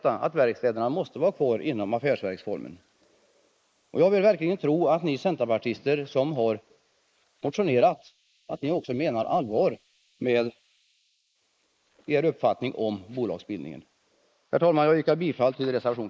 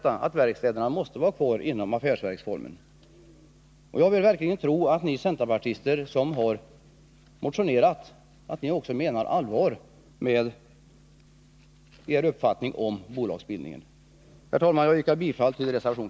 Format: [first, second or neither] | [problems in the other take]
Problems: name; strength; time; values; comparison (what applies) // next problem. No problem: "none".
second | noise reduction (neural mask model Resemble Enhance denoiser)